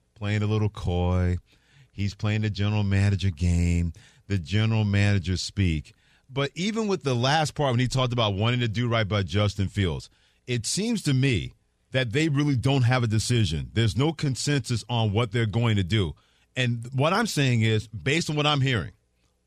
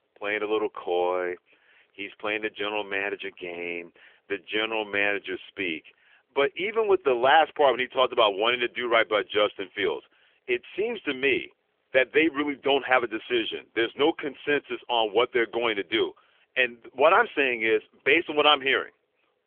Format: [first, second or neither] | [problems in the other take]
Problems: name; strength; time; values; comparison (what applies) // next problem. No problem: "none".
first | phone-call audio; nothing above 3.5 kHz